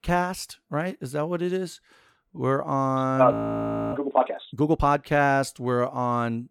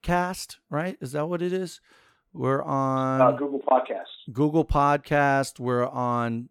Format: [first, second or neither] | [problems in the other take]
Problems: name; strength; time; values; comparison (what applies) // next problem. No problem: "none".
second | audio freezing; at 3.5 s for 0.5 s